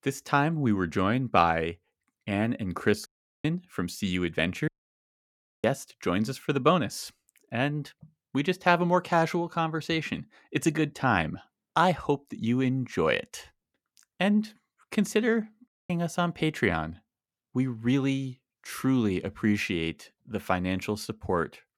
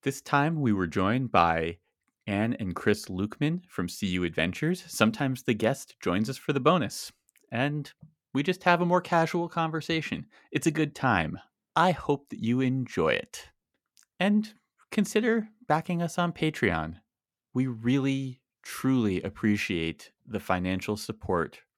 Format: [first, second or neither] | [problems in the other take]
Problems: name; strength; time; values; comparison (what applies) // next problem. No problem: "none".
second | audio cutting out; at 3 s, at 4.5 s for 1 s and at 16 s